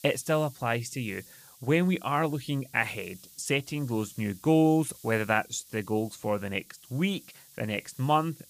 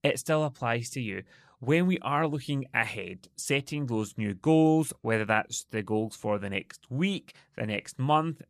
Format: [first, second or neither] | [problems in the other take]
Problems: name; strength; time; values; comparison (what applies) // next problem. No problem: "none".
second | hiss; faint; throughout; 20 dB below the speech